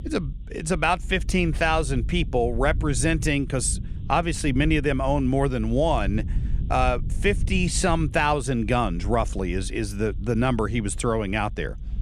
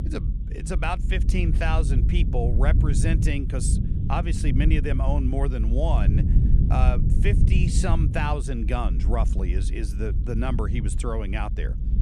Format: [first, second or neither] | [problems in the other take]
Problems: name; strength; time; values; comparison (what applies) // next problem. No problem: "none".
first | low rumble; loud; throughout; 7 dB below the speech; faint in the first